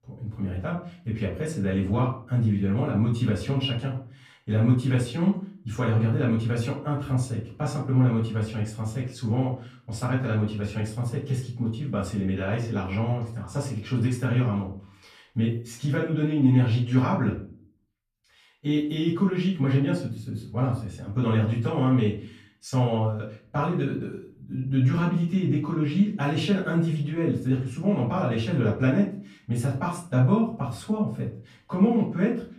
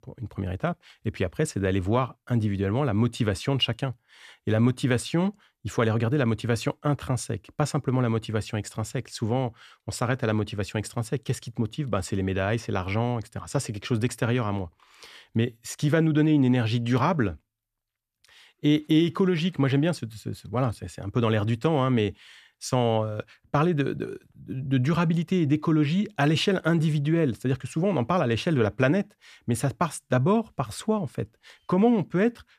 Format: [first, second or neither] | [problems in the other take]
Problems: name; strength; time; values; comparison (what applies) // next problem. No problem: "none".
second | off-mic speech; far // room echo; noticeable; dies away in 0.4 s